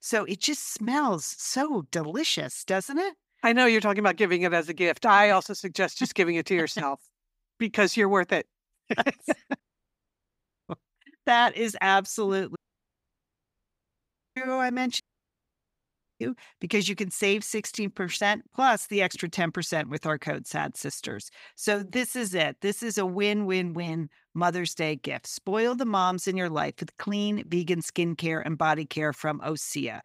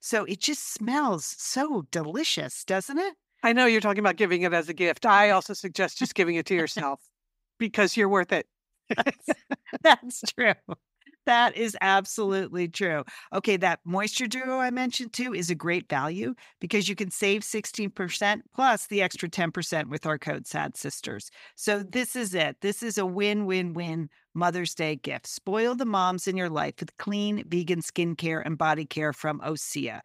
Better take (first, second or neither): second